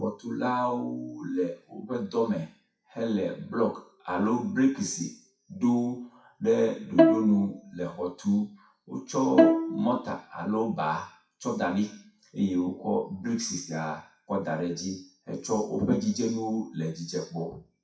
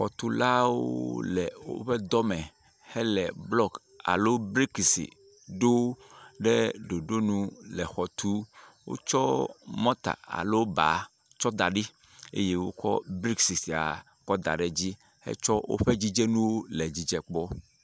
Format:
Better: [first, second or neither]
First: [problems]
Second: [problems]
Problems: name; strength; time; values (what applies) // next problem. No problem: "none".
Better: second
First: noise reduction (classical method WPE with log-MMSE)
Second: none